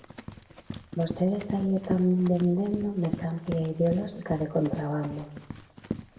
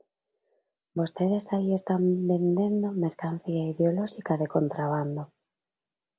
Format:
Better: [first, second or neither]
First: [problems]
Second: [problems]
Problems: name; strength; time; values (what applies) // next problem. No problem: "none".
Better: second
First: background sound (Run); 10 dB below the speech // room echo; dies away in 0.8 s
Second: none